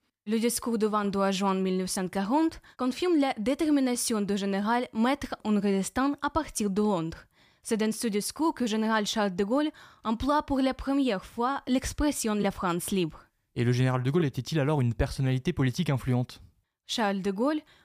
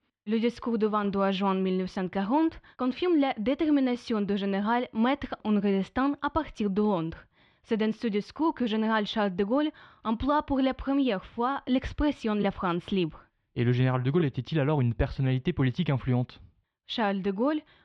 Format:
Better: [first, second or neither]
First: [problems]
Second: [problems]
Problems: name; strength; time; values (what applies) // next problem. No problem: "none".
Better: first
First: none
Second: muffled; slightly; fading above 3.5 kHz